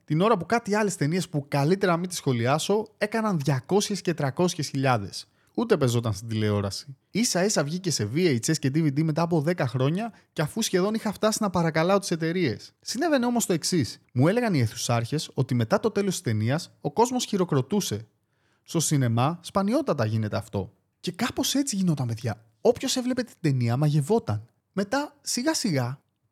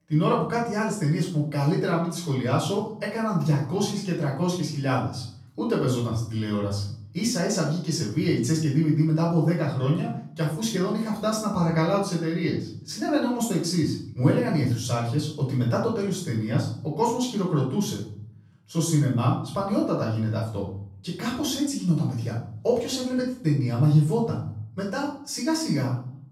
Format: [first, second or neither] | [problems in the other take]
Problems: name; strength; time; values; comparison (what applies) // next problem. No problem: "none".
first | off-mic speech; far // room echo; noticeable; dies away in 0.5 s